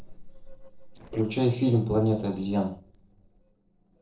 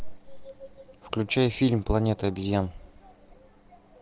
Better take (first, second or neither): second